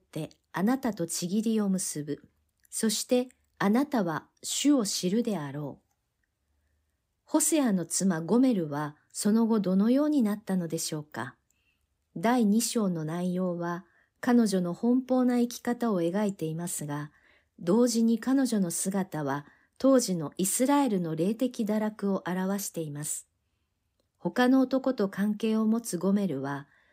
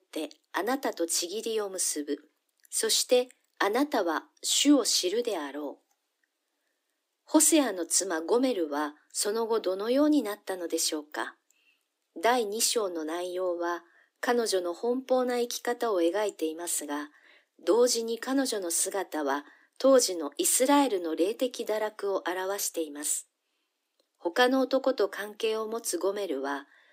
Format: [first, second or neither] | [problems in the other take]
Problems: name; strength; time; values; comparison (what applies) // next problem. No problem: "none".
first | thin; somewhat; fading below 300 Hz